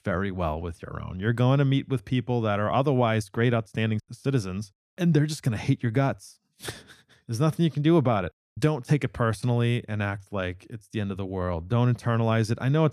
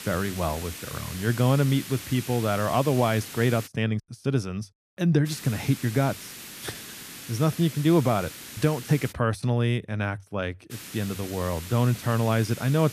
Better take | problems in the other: first | hiss; noticeable; until 3.5 s, from 5.5 to 9 s and from 11 s on; 10 dB below the speech

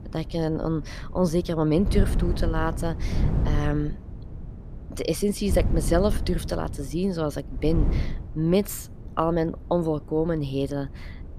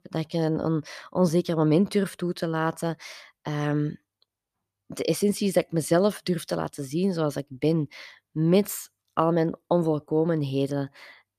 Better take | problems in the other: second | wind noise on the microphone; occasional gusts; 15 dB below the speech

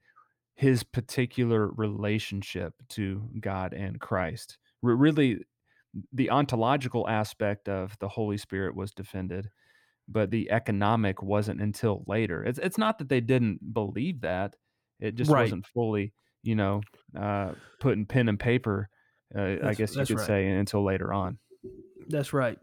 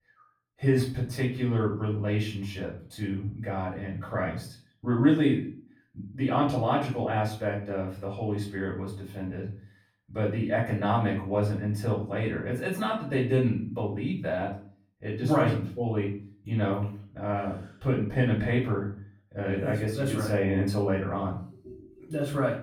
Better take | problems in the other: first | room echo; slight; dies away in 0.4 s // off-mic speech; far

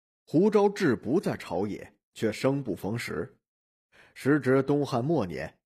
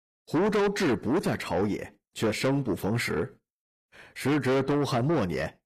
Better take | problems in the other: first | distortion; heavy; 6 dB below the speech

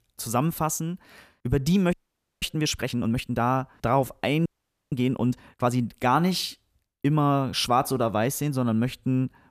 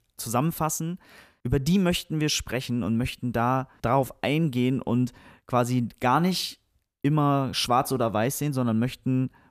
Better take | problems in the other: second | audio freezing; at 2 s and at 4.5 s

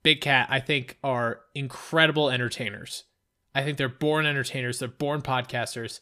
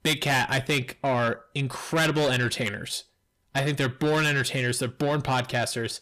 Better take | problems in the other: first | distortion; heavy; 6 dB below the speech

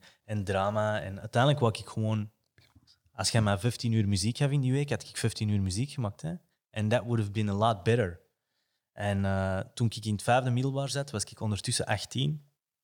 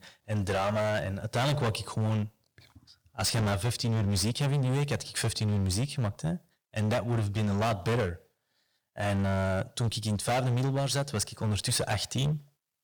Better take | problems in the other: first | distortion; heavy; 21% of the sound clipped

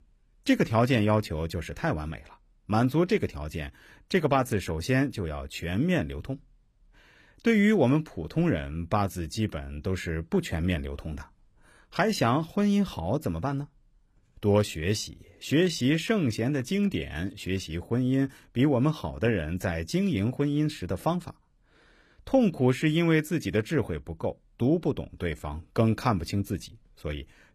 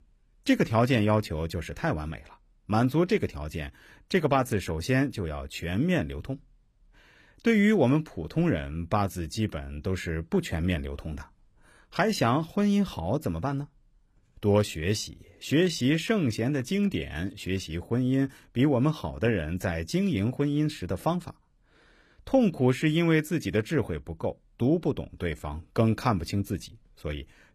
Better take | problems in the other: neither | none

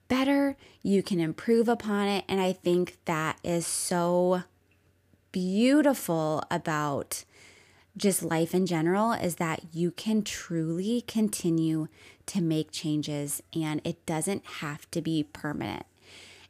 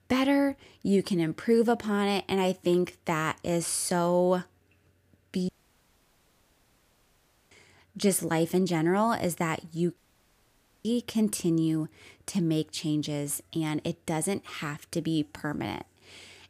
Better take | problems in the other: first | audio cutting out; at 5.5 s for 2 s and at 10 s for 1 s

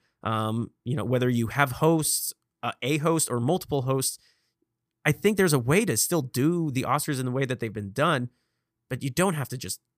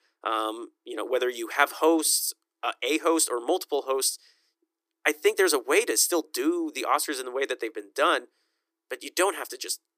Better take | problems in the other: first | thin; very; fading below 300 Hz

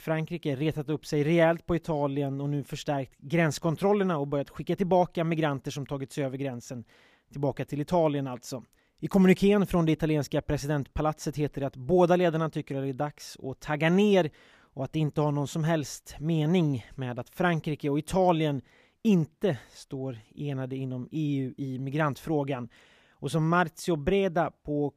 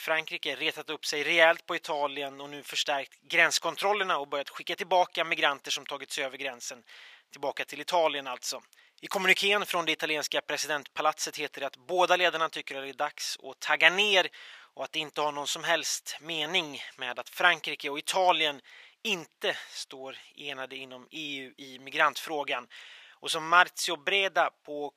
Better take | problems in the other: first | thin; very; fading below 800 Hz

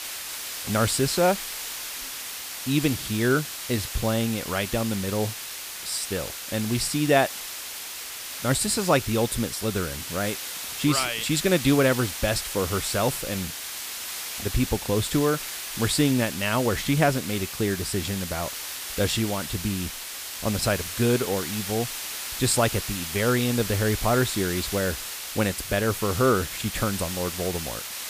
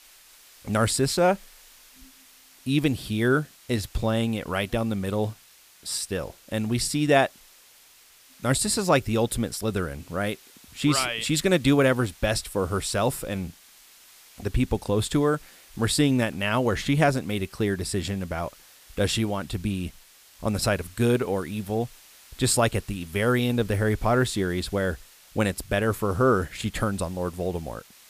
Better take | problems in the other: second | hiss; loud; throughout; 6 dB below the speech; faint in the second

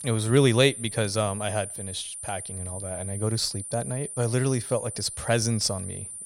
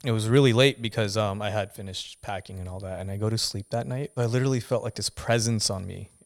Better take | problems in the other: second | high-pitched whine; loud; throughout; 9 kHz, 9 dB below the speech; faint in the second

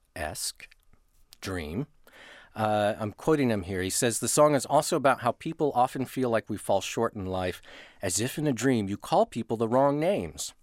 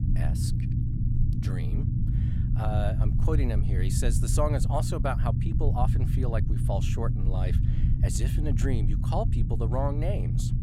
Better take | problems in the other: first | low rumble; loud; throughout; 5 dB below the speech

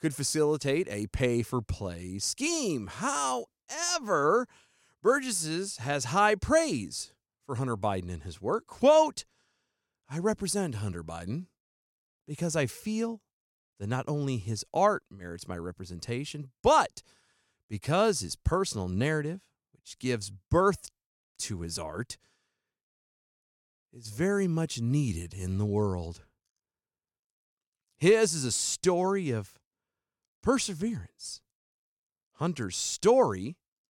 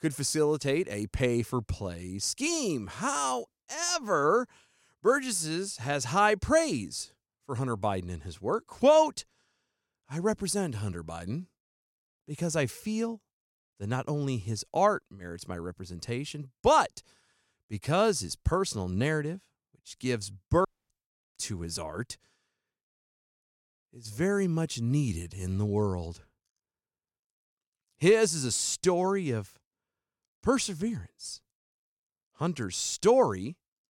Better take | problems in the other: first | audio cutting out; at 21 s

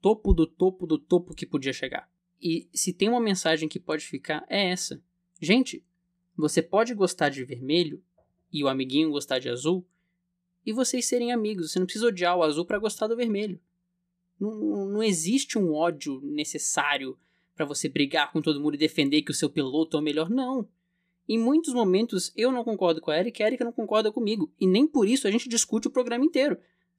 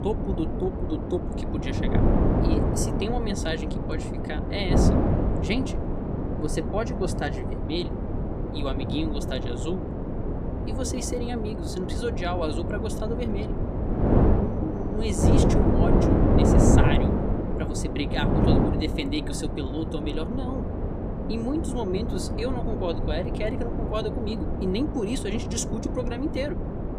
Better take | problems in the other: first | wind noise on the microphone; heavy; 1 dB above the speech

